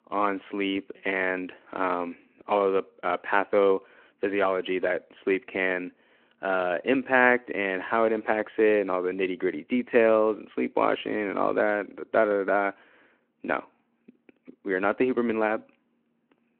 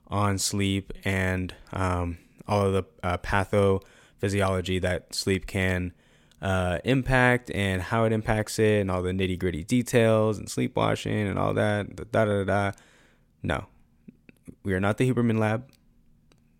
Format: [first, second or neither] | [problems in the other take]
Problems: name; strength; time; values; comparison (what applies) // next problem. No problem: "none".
second | phone-call audio